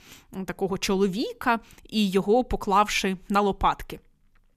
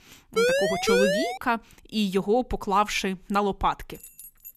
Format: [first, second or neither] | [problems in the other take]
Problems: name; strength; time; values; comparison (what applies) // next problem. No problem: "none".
first | siren; loud; until 1.5 s; peak 4 dB above the speech // jangling keys; faint; at 4 s; peak 15 dB below the speech